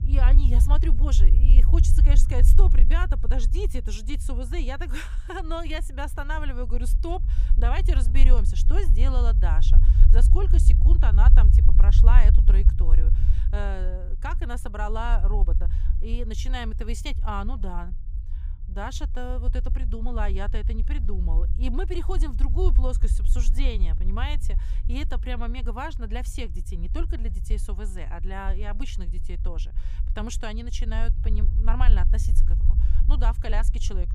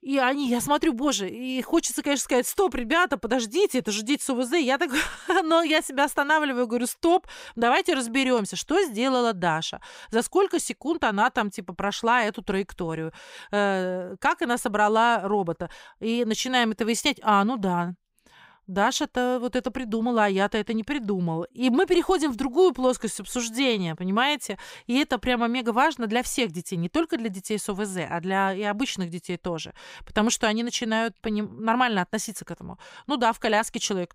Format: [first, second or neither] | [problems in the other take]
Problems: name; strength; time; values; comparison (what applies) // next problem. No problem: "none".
second | low rumble; loud; throughout; 9 dB below the speech